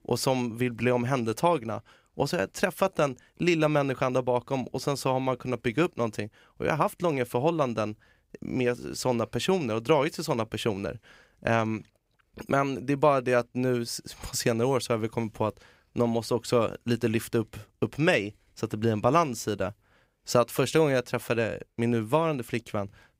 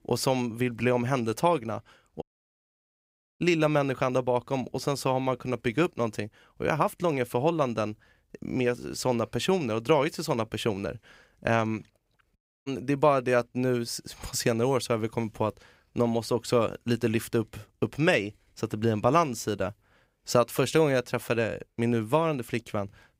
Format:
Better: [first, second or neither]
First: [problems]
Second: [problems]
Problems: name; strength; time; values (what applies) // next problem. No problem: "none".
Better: first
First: none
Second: audio cutting out; at 2 s for 1 s and at 12 s